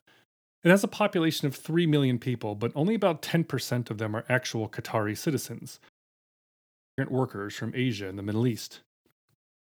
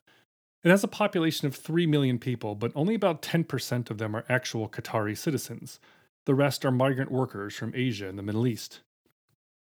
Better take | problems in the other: second | audio cutting out; at 6 s for 1 s

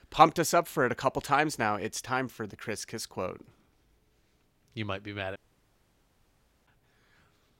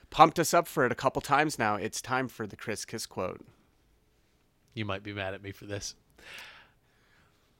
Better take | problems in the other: second | audio cutting out; at 5.5 s for 1.5 s

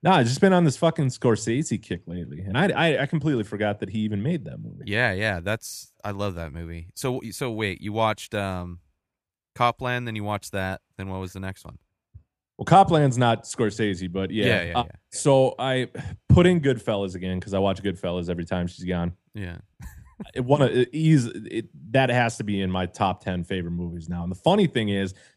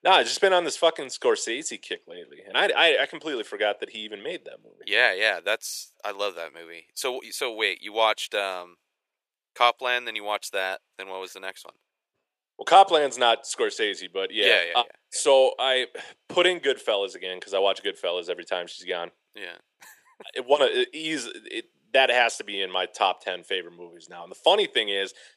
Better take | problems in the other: first | thin; very; fading below 450 Hz

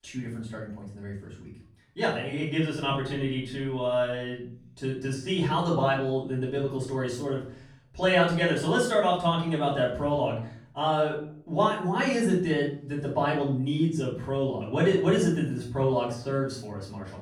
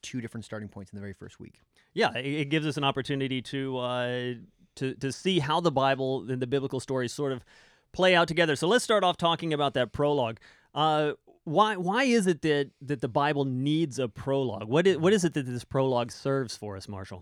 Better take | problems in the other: second | off-mic speech; far // room echo; noticeable; dies away in 0.6 s

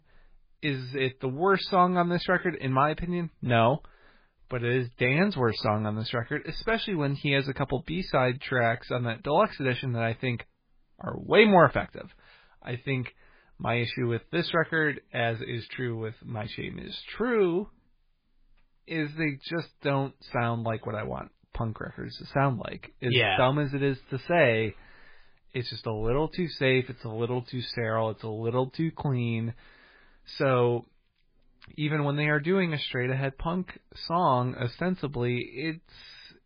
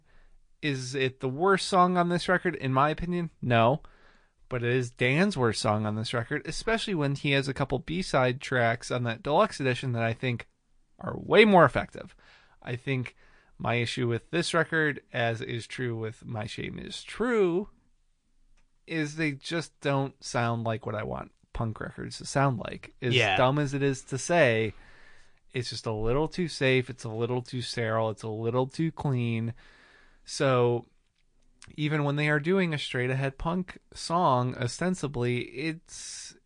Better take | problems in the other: second | garbled, watery; badly; slightly in the second

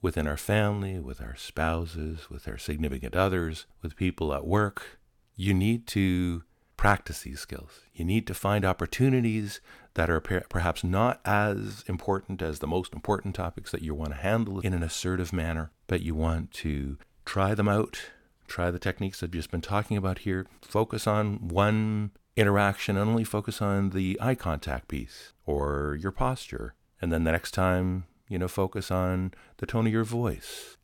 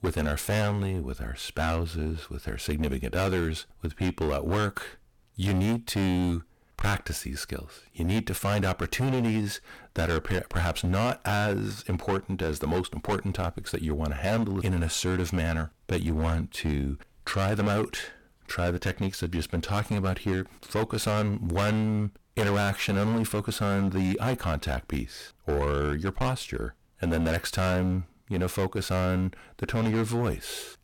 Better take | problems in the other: first | distortion; heavy; 16% of the sound clipped

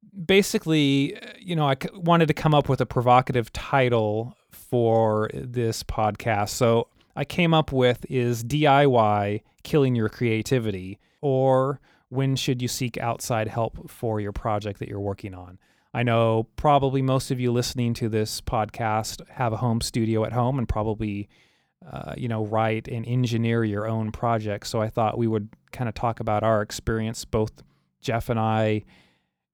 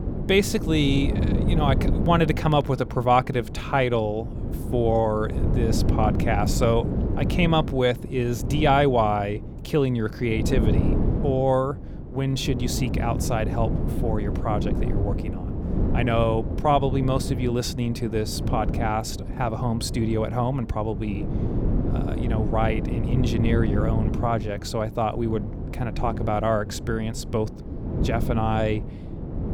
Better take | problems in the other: first | wind noise on the microphone; heavy; 10 dB below the speech

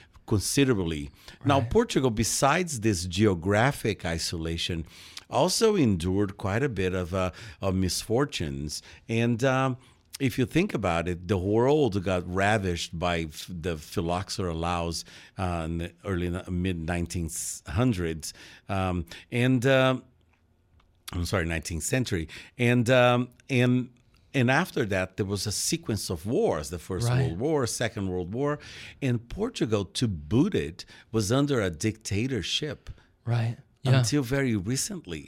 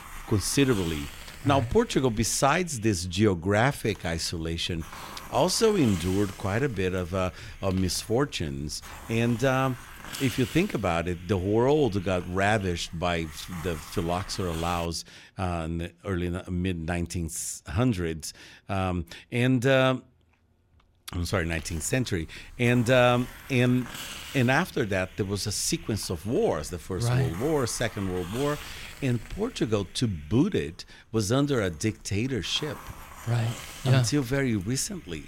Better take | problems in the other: first | hiss; noticeable; until 15 s and from 21 s on; 15 dB below the speech

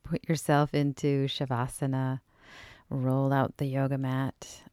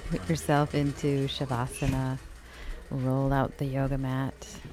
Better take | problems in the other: first | hiss; noticeable; throughout; 10 dB below the speech

